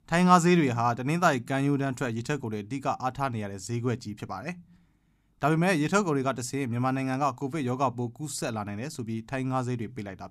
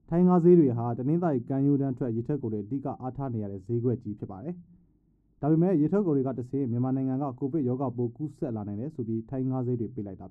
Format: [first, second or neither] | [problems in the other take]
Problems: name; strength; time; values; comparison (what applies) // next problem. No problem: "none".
first | muffled; very; fading above 1 kHz